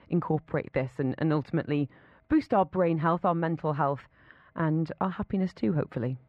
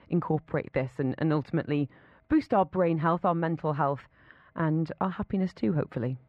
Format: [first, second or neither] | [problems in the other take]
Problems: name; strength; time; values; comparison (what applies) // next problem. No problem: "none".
neither | muffled; very; fading above 2 kHz; the same in both